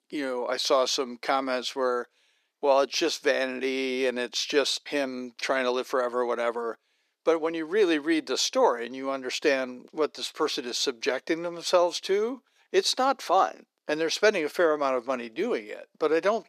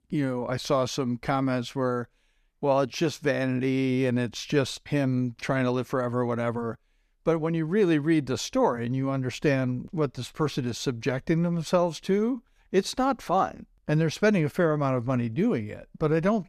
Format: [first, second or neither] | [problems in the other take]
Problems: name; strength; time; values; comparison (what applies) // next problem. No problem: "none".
second | thin; somewhat; fading below 350 Hz